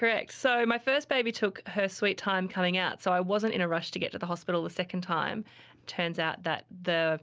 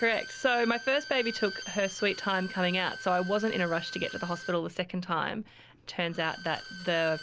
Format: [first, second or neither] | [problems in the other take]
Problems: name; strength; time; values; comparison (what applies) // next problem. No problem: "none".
first | background sound (Bowed string instrument); 13 dB below the speech